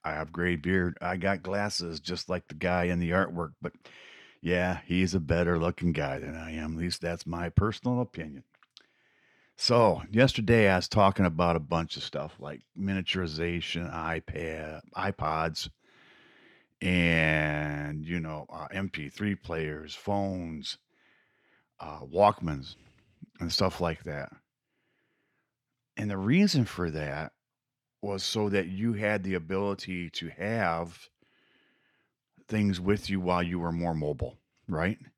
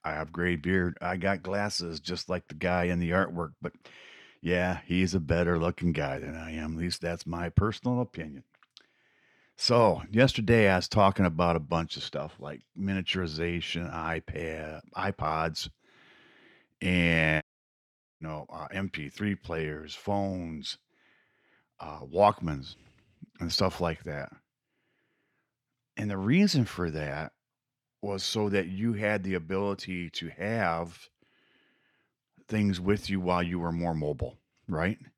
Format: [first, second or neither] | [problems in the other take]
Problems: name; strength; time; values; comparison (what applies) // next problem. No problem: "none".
first | audio cutting out; at 17 s for 1 s